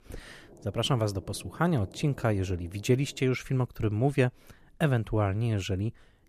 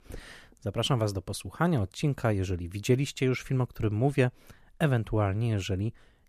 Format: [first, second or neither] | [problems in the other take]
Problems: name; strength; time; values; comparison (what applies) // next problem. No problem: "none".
second | low rumble; faint; throughout; 20 dB below the speech